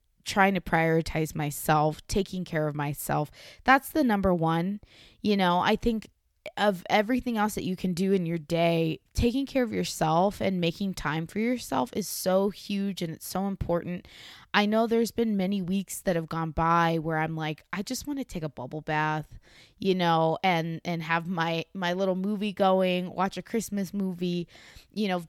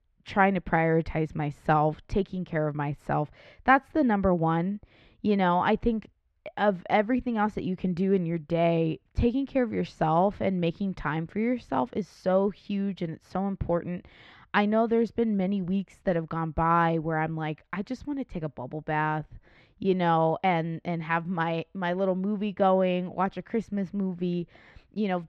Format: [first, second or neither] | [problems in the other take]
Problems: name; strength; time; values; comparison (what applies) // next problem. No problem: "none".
first | muffled; very; fading above 2 kHz